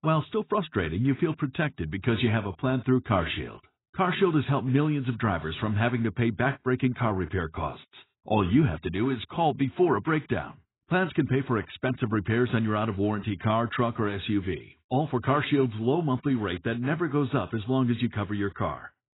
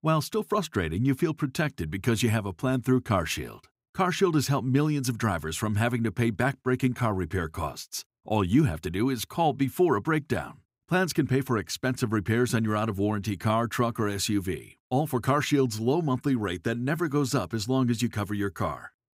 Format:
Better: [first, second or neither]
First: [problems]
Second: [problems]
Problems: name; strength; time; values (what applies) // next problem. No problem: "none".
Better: second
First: garbled, watery; badly; nothing above 4 kHz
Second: none